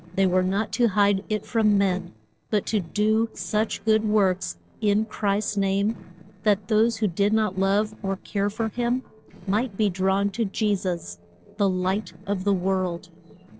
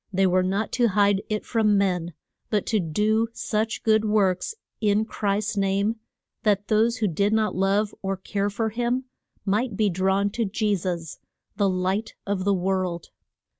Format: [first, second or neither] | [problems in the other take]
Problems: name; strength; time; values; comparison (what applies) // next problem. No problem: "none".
second | noise reduction (neural separator model SepFormer DNS4)